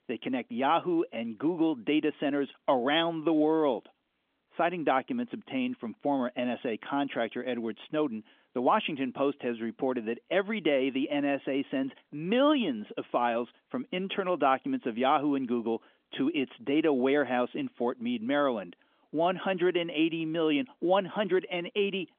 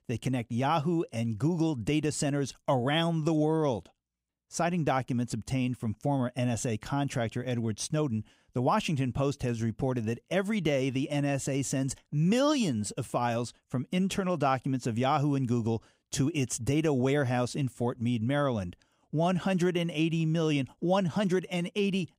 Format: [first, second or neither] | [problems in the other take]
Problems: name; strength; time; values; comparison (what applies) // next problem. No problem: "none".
second | phone-call audio; nothing above 3.5 kHz